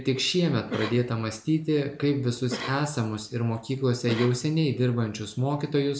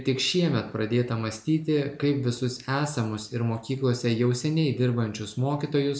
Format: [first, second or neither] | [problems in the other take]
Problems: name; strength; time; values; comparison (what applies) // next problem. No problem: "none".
second | background sound (Cough); 14 dB below the speech